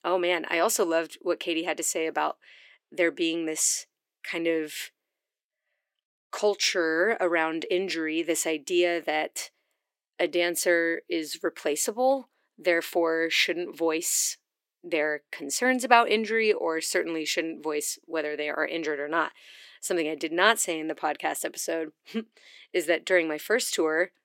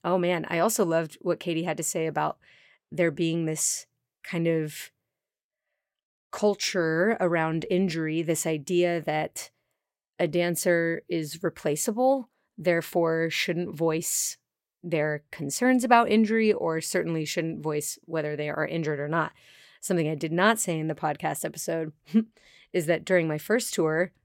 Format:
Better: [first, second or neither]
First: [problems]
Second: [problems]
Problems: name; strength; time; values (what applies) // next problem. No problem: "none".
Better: second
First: thin; somewhat; fading below 300 Hz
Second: none